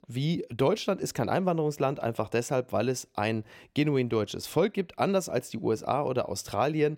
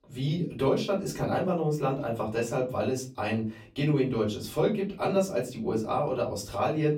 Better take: first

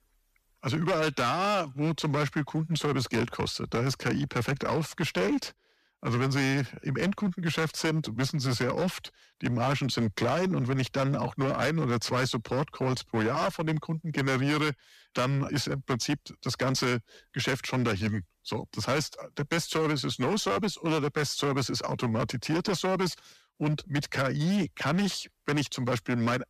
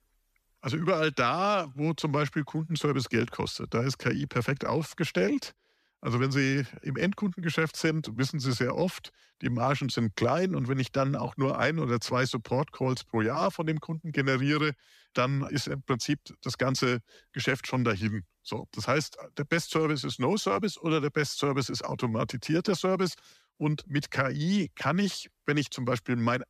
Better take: second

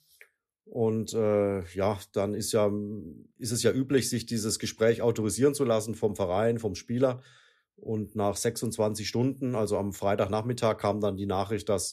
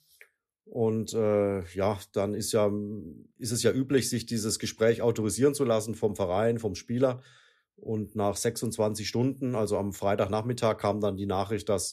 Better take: neither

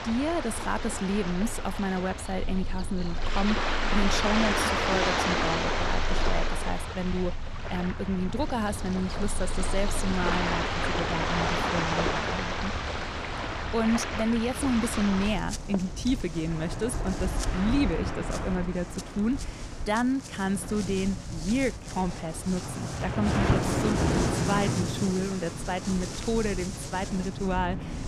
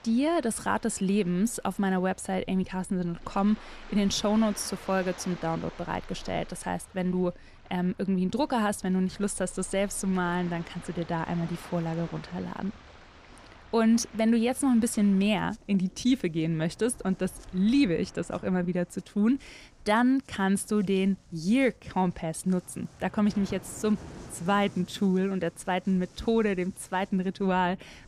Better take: second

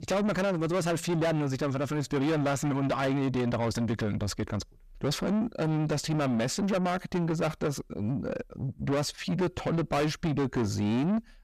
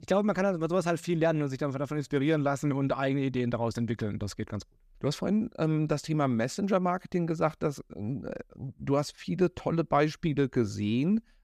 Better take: second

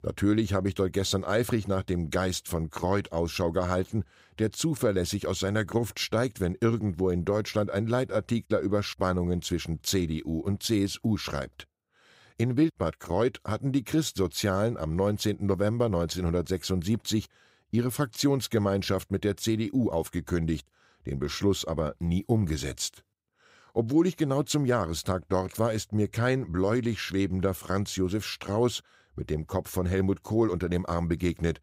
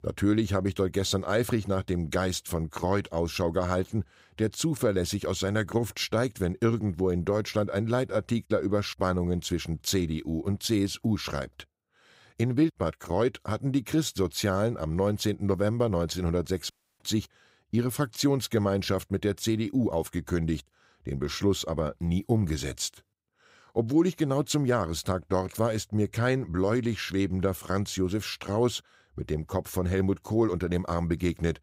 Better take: first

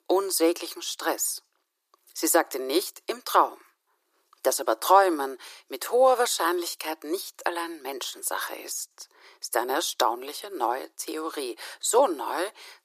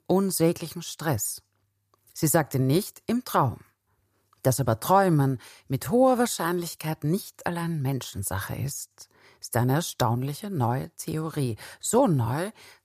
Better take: second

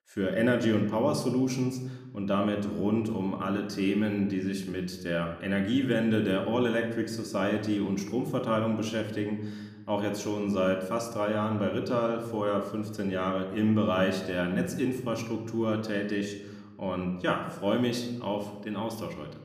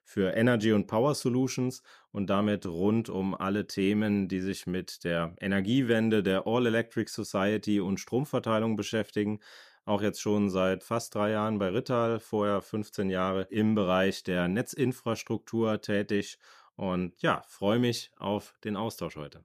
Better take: second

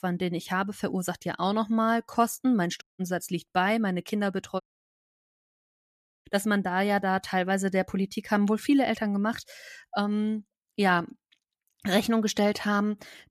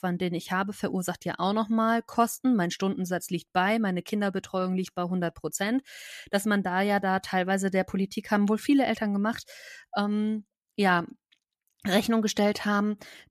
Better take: second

